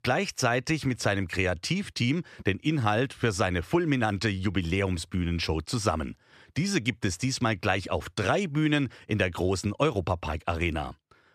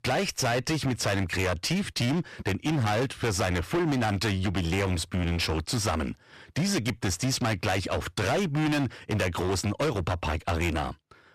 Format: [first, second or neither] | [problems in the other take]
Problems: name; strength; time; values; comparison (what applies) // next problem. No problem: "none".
first | distortion; heavy; 25% of the sound clipped